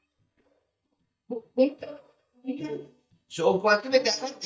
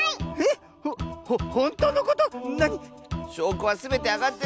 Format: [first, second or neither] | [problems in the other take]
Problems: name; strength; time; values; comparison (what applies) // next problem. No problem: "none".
second | noise reduction (neural mask model DeepFilterNet 3)